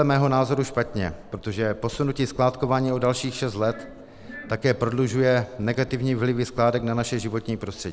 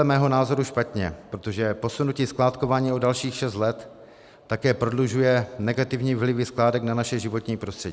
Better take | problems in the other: second | background sound (Writing + Glass); 20 dB below the speech

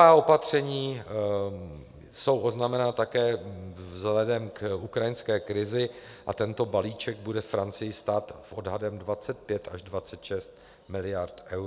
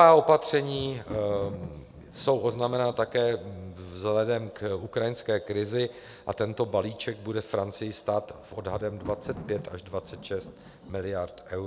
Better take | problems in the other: first | background sound (Thunder); 20 dB below the speech

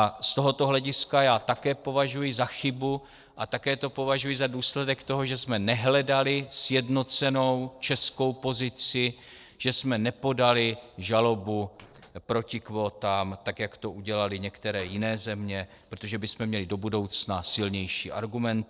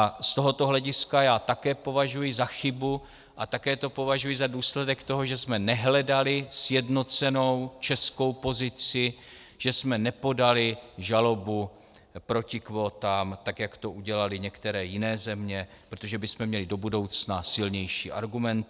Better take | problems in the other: second | noise reduction (neural separator model SepFormer DNS4)

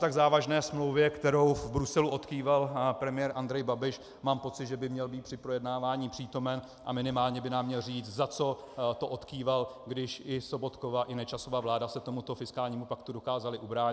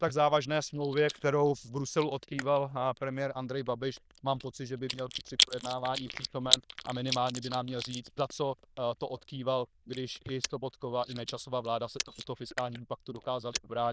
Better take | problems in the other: first | noise reduction (neural diffusion model UNIVERSE++)

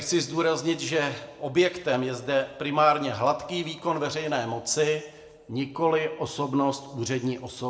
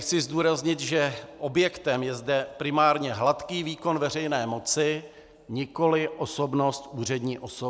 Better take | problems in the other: second | room echo; dies away in 0.8 s

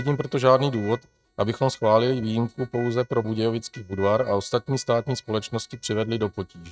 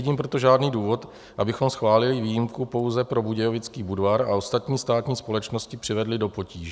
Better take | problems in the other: second | noise reduction (neural mask model RNNoise)

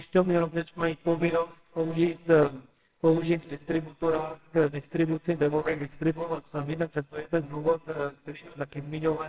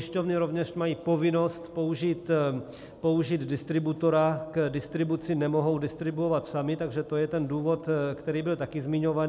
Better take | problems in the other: second | noise reduction (neural separator model SepFormer WHAMR!)

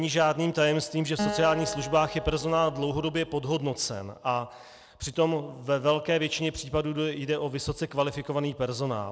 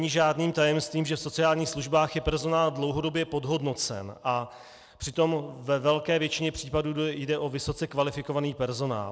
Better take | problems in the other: second | background sound (Acoustic guitar); 10 dB below the speech

